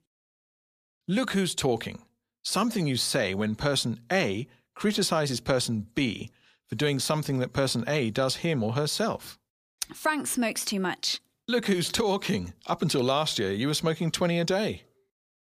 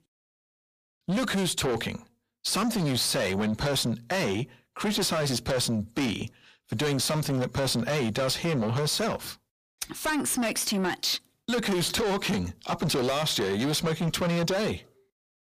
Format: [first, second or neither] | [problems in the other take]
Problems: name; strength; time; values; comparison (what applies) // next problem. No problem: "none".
first | distortion; heavy; 7 dB below the speech